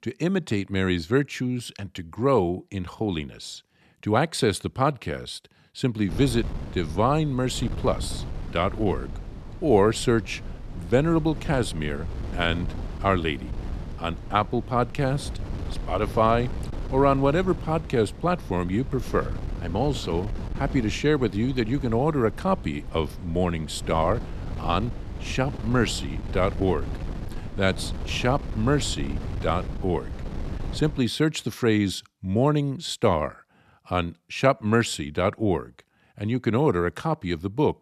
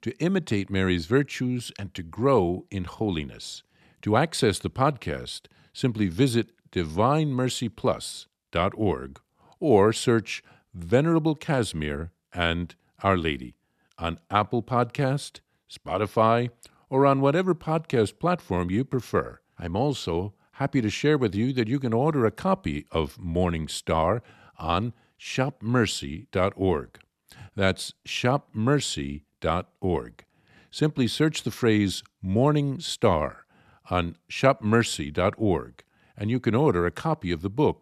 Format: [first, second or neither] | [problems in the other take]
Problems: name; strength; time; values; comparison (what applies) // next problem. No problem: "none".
second | wind noise on the microphone; occasional gusts; from 6 to 31 s; 15 dB below the speech